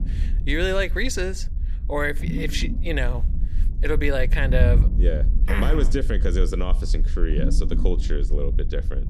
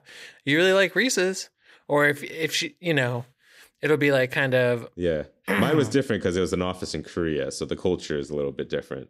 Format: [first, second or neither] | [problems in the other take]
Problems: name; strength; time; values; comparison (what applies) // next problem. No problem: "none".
second | low rumble; noticeable; throughout; 15 dB below the speech